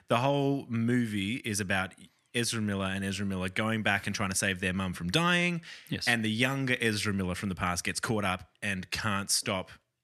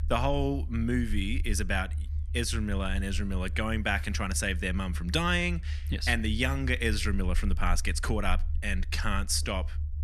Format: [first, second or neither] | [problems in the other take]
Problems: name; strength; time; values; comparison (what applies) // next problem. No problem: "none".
first | low rumble; faint; throughout; 20 dB below the speech